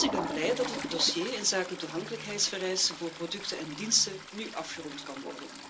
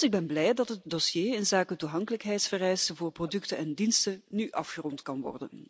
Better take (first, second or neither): second